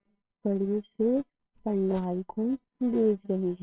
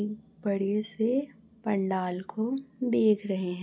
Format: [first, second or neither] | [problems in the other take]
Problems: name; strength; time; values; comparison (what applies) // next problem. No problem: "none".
second | noise reduction (neural separator model SepFormer WHAMR!)